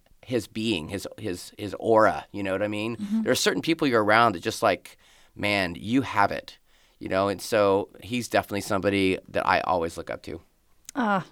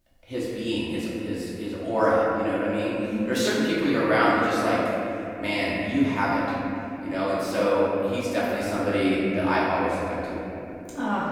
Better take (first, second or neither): first